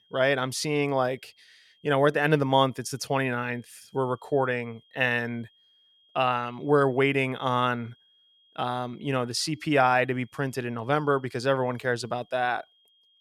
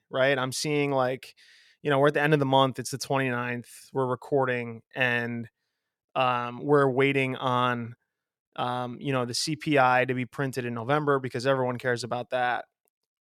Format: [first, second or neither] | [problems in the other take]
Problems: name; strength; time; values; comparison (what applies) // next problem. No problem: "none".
second | high-pitched whine; faint; throughout; 3.5 kHz, 35 dB below the speech